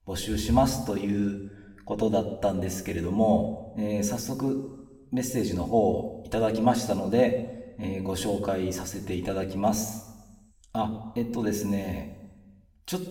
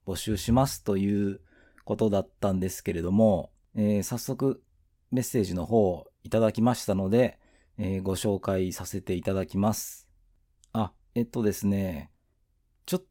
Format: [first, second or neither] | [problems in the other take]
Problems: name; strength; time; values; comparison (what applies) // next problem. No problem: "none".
second | room echo; slight; dies away in 0.9 s // off-mic speech; somewhat distant